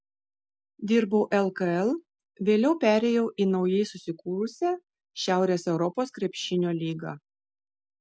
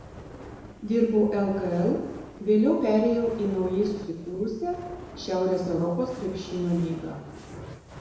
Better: first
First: none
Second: background sound (Fire); 16 dB below the speech // room echo; dies away in 1 s

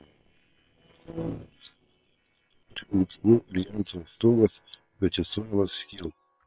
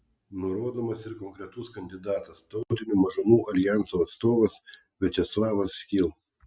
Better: second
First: noise reduction (neural separator model SepFormer WHAM!)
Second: none

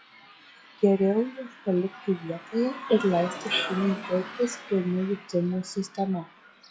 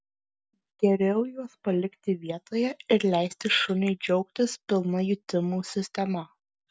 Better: second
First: noise reduction (classical method log-MMSE)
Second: none

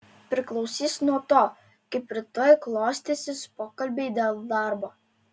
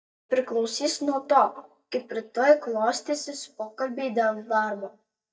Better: first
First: none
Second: noise reduction (neural mask model DeepFilterNet 3)

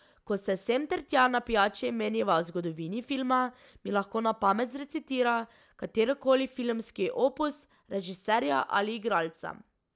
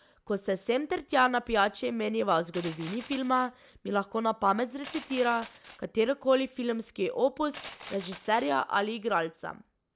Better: first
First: none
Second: background sound (Glass); 19 dB below the speech

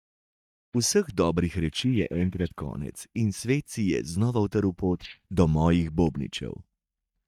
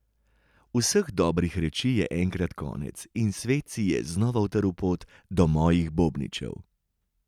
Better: second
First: noise reduction (neural mask model DeepFilterNet 3)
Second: none

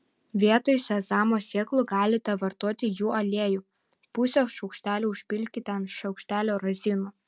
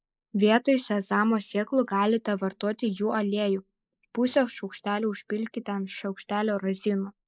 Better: first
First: none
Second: noise reduction (neural mask model Resemble Enhance denoiser)

